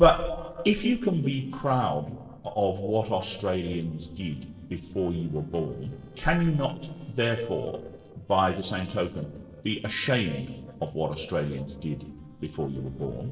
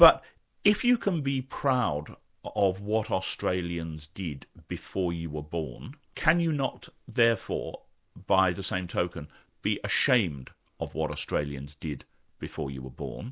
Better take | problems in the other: second | noise reduction (neural separator model SepFormer DNS4)

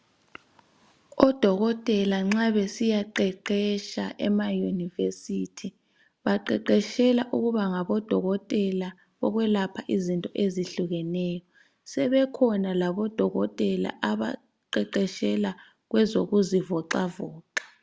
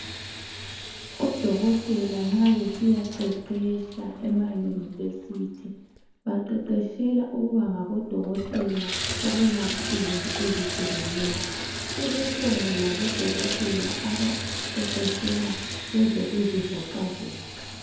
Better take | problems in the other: first | background sound (Bathtub (filling or washing) / Water tap, faucet); 6 dB below the speech // room echo; dies away in 0.9 s

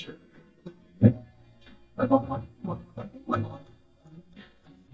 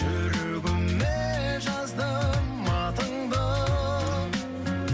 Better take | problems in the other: second | noise reduction (neural mask model DeepFilterNet 3)

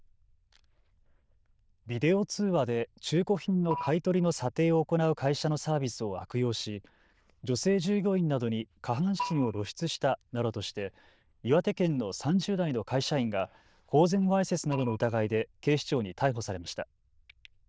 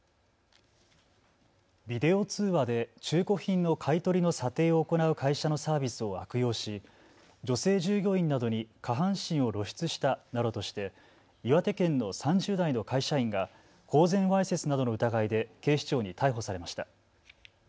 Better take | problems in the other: second | noise reduction (neural diffusion model UNIVERSE++)

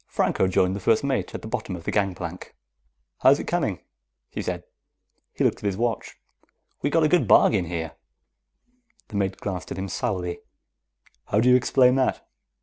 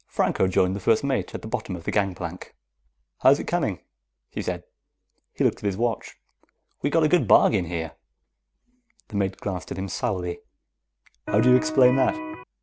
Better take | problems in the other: first | background sound (Electric guitar); 5 dB below the speech

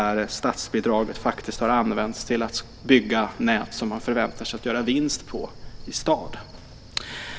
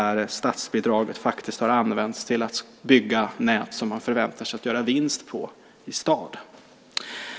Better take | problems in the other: second | background sound (Cricket); 16 dB below the speech

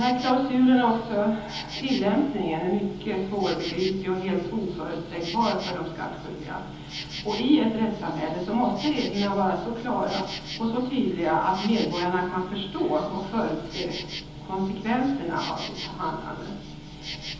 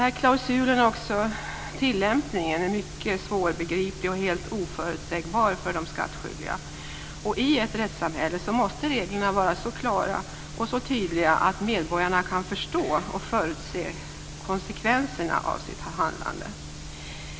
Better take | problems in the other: second | background sound (Insect); 15 dB below the speech // room echo; dies away in 1.3 s

